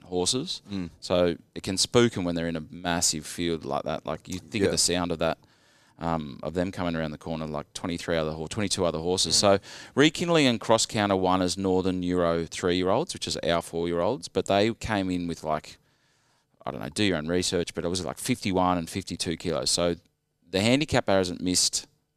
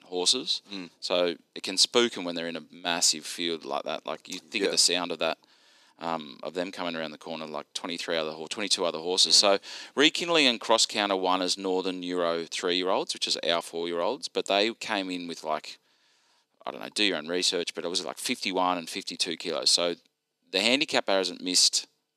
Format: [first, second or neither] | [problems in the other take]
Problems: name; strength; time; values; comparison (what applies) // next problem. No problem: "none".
first | thin; very slightly; fading below 250 Hz